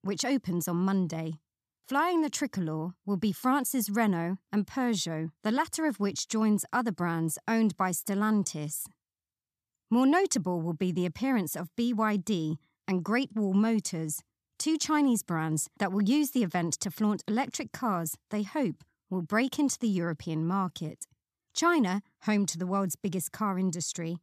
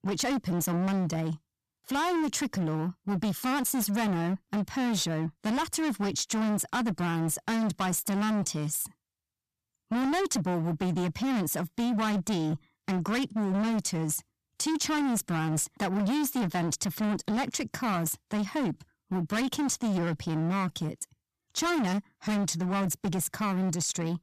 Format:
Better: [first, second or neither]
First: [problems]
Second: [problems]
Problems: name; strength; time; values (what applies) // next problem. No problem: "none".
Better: first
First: none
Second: distortion; heavy; 29% of the sound clipped